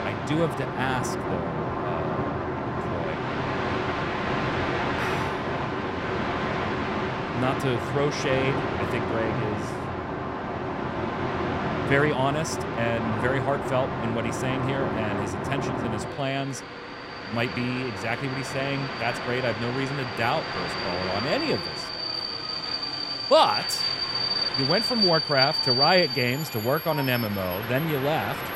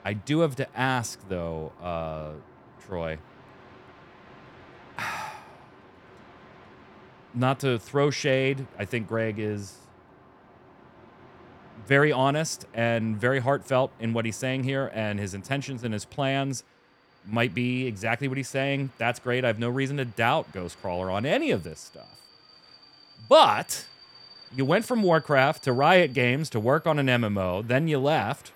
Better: second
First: train or aircraft noise; loud; throughout; 1 dB below the speech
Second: train or aircraft noise; faint; throughout; 25 dB below the speech

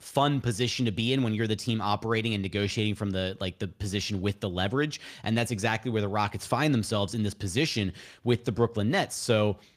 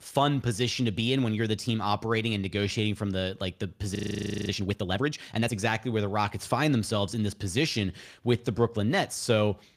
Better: first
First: none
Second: audio freezing; at 4 s for 0.5 s

